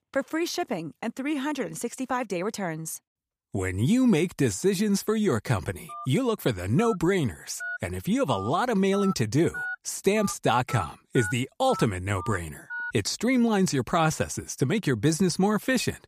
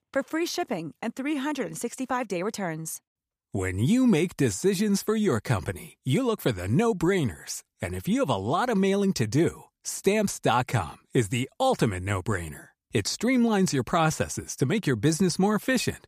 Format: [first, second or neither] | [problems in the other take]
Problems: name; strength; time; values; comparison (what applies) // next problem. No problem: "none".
second | phone ringing; noticeable; from 6 to 13 s; peak 7 dB below the speech